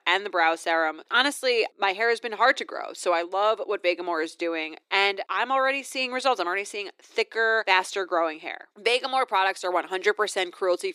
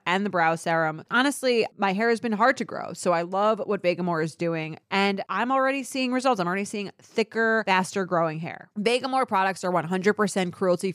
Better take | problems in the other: second | thin; somewhat; fading below 300 Hz

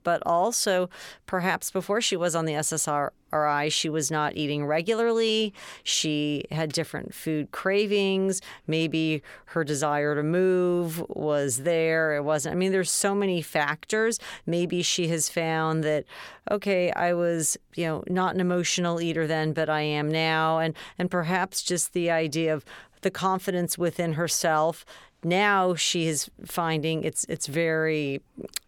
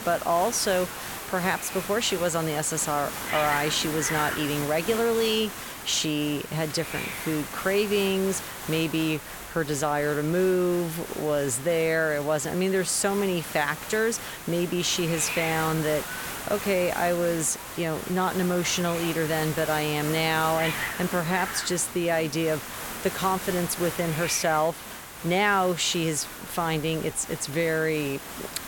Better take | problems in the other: first | hiss; loud; throughout; 8 dB below the speech

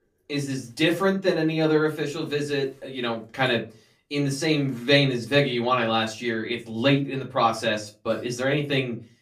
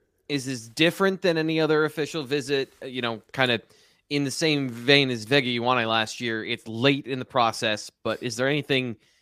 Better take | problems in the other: second | off-mic speech; far // room echo; very slight; dies away in 0.3 s

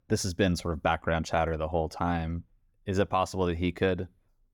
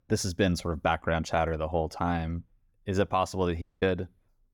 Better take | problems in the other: first | audio cutting out; at 3.5 s

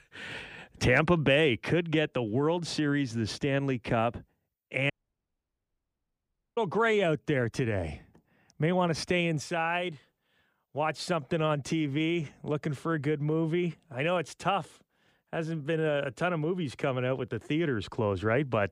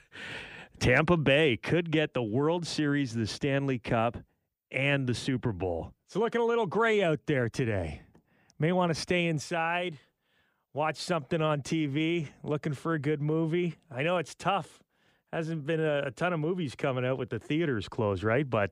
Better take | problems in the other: second | audio cutting out; at 5 s for 1.5 s

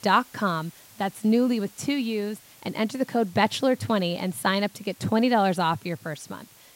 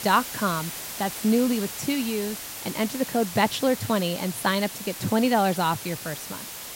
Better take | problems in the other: first | hiss; loud; throughout; 8 dB below the speech; faint in the first

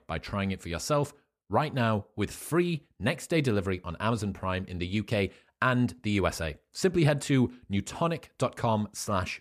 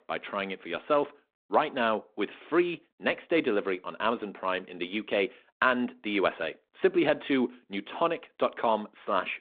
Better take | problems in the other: first | phone-call audio; nothing above 3.5 kHz

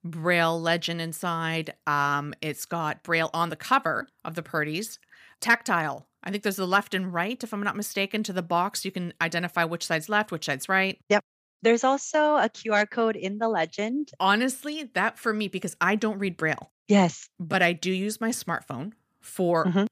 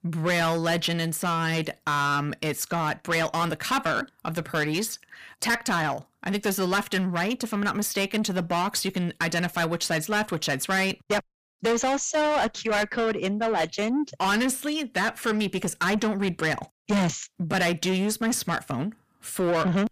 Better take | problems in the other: first | distortion; heavy; 6 dB below the speech

